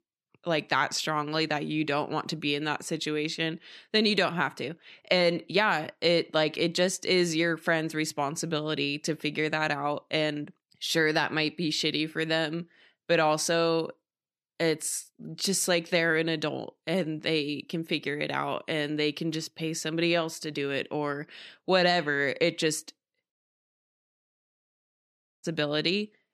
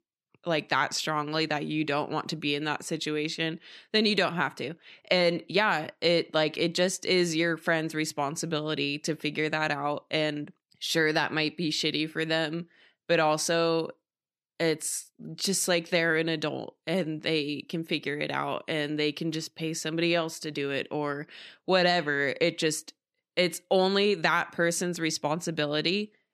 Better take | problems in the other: second | audio cutting out; at 23 s for 2 s

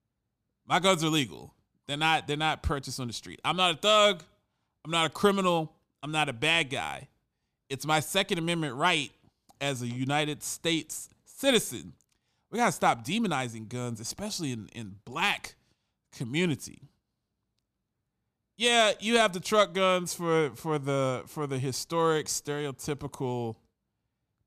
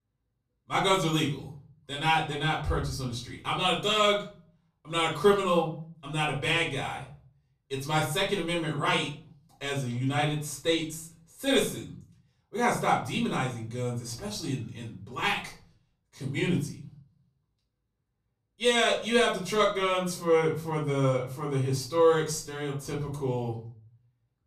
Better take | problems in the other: first | off-mic speech; far // room echo; slight; dies away in 0.4 s

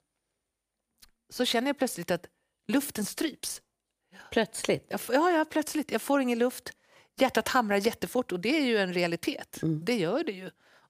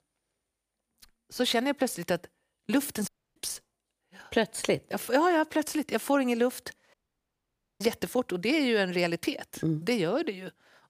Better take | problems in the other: first | audio cutting out; at 3 s and at 7 s for 1 s

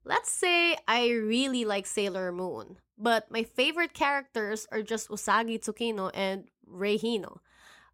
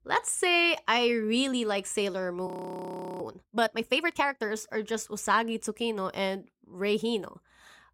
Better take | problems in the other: first | audio freezing; at 2.5 s for 0.5 s

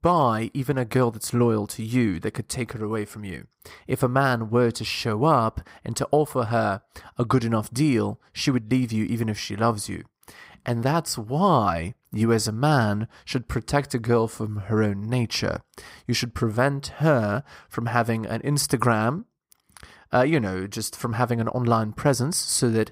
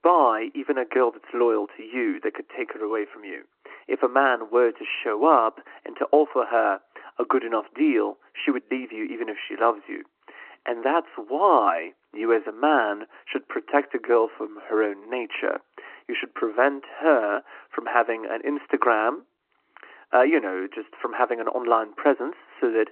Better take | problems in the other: first | phone-call audio

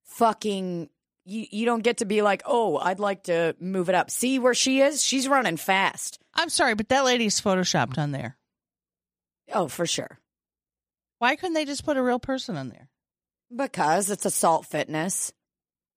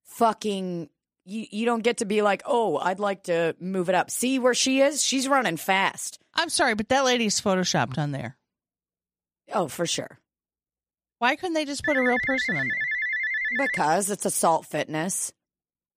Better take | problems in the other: first | phone ringing; noticeable; from 12 to 14 s; peak level with the speech

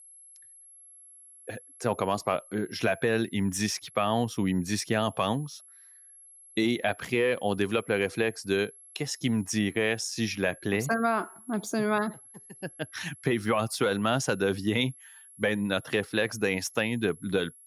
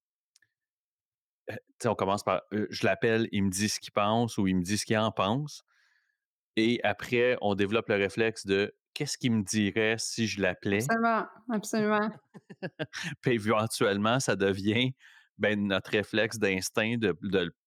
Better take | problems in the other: second | high-pitched whine; faint; throughout; 11 kHz, 20 dB below the speech

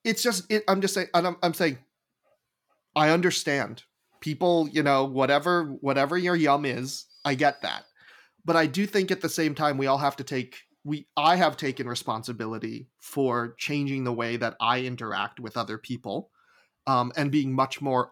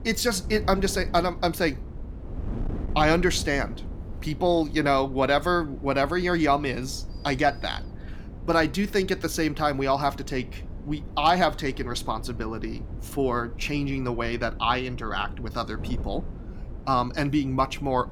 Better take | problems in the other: first | wind noise on the microphone; occasional gusts; 20 dB below the speech

